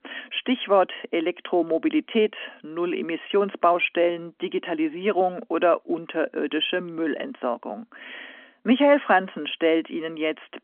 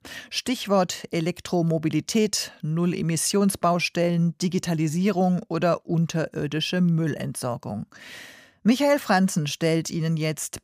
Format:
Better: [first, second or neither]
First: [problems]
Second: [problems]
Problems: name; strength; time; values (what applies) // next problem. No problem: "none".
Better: second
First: phone-call audio; nothing above 3.5 kHz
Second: none